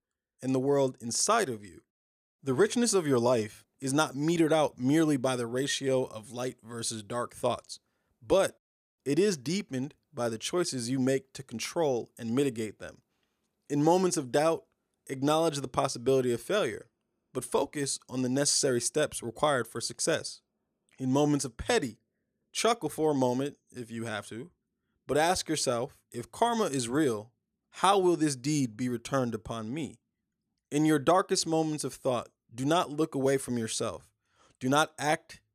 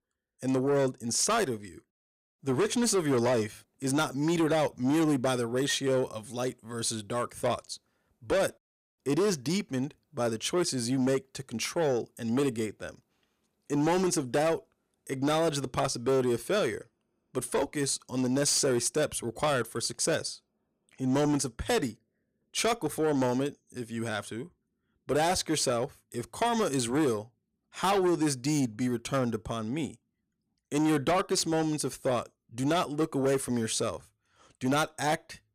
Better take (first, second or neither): first